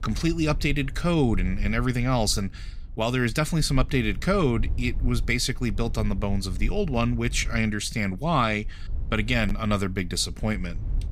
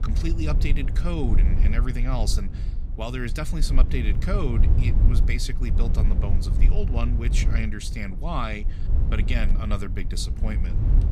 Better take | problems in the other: first | low rumble; loud; throughout; 8 dB below the speech; faint in the first

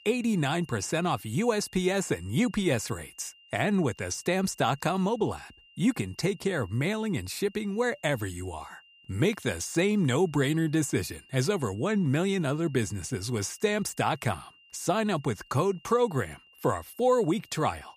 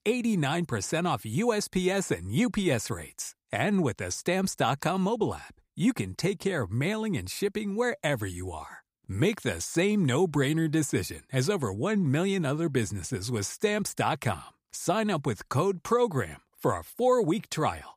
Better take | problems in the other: second | high-pitched whine; faint; throughout; 3 kHz, 25 dB below the speech

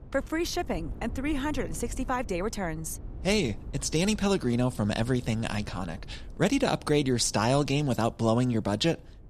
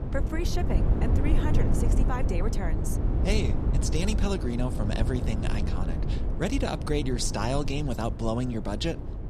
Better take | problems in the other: first | low rumble; loud; throughout; 6 dB below the speech; faint in the first

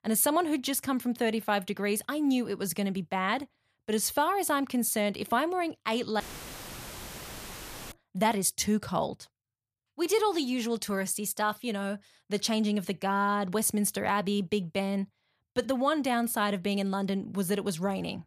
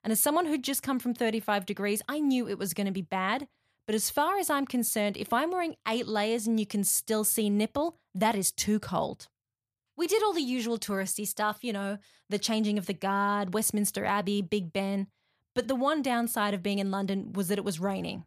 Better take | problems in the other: second | audio cutting out; filled with static; at 6 s for 1.5 s

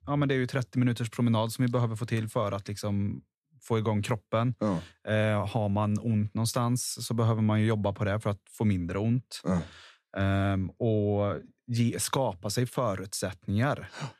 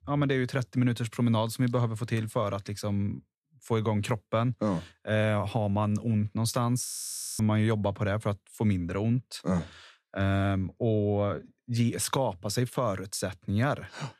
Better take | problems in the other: first | audio freezing; at 7 s for 0.5 s

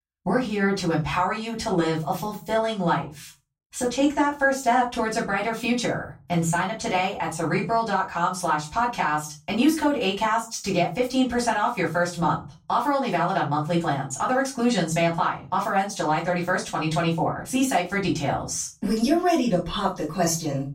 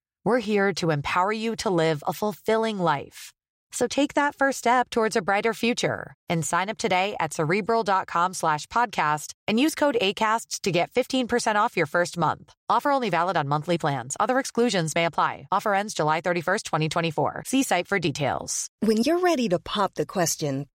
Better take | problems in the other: second | off-mic speech; far // room echo; slight; dies away in 0.3 s

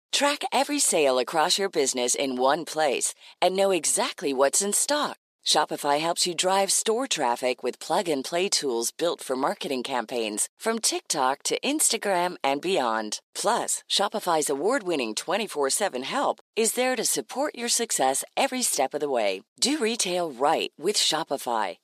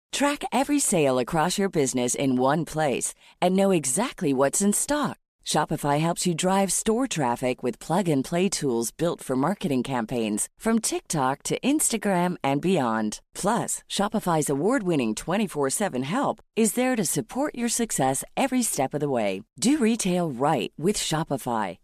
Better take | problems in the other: second | thin; somewhat; fading below 450 Hz

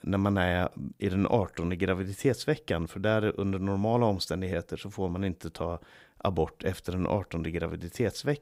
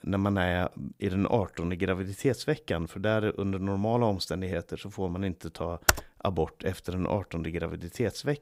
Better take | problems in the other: first | keyboard typing; very faint; at 6 s; peak 5 dB above the speech

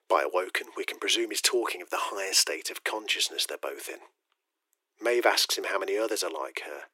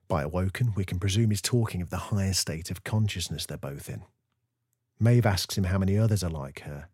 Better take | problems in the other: second | thin; very; fading below 300 Hz

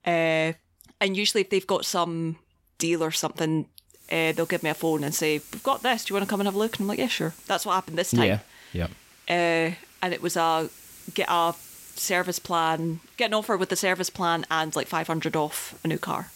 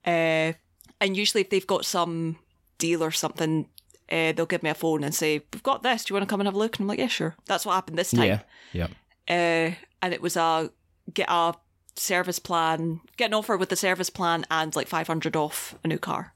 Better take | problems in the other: second | hiss; faint; from 4 s on; 20 dB below the speech

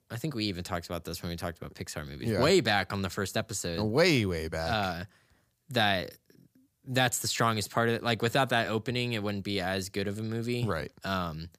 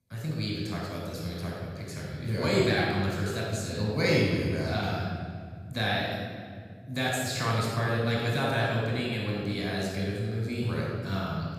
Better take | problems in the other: first | room echo; strong; dies away in 2.3 s // off-mic speech; far

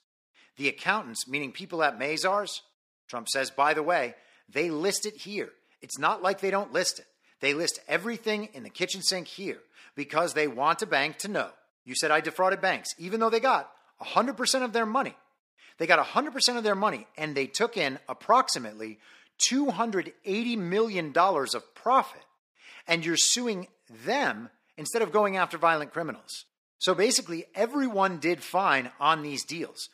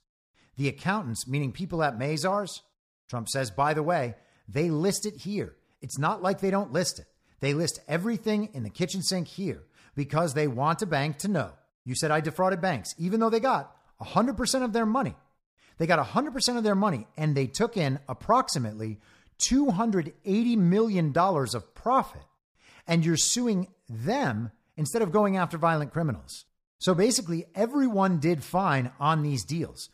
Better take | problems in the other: second | thin; somewhat; fading below 250 Hz

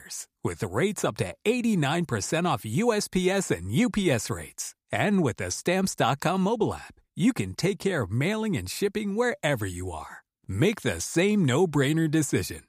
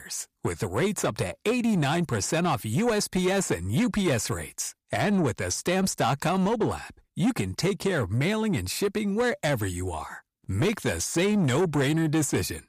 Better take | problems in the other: first | distortion; slight; 10 dB below the speech

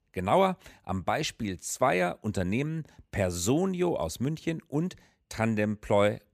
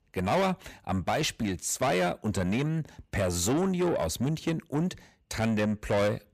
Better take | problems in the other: first | distortion; heavy; 8 dB below the speech

